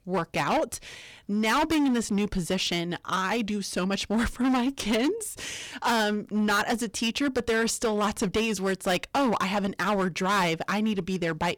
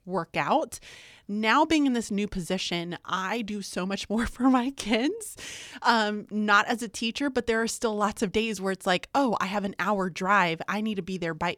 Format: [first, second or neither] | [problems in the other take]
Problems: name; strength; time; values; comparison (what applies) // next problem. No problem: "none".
second | distortion; heavy; 14% of the sound clipped